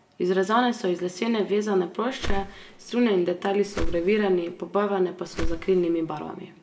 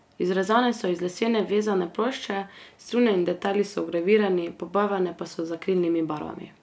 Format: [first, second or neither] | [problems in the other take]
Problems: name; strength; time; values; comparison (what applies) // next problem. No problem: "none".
second | background sound (Whoosh, swoosh, swish); 5 dB below the speech // room echo; dies away in 1.4 s